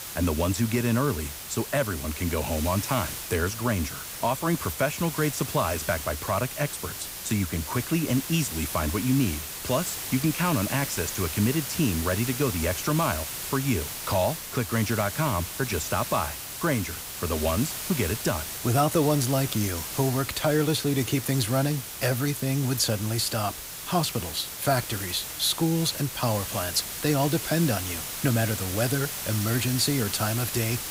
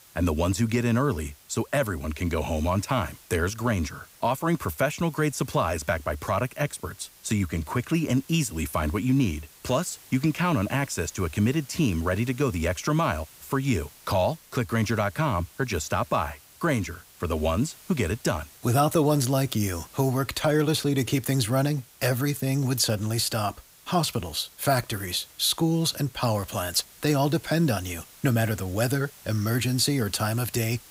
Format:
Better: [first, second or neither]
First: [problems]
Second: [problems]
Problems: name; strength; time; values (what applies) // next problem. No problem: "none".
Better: second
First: hiss; loud; throughout; 6 dB below the speech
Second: hiss; faint; throughout; 20 dB below the speech